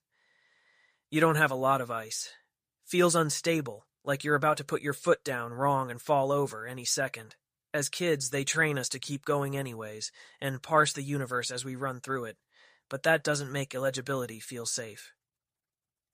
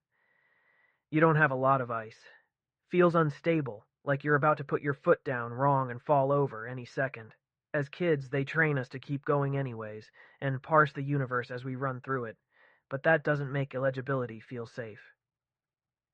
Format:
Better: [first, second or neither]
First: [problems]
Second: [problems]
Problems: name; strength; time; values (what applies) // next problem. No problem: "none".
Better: first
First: none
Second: muffled; very; fading above 2 kHz